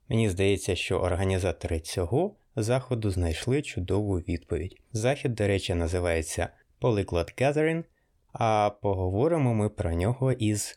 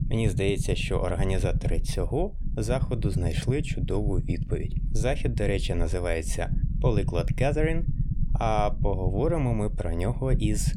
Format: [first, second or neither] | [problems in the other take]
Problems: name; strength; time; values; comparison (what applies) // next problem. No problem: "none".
first | low rumble; noticeable; throughout; 15 dB below the speech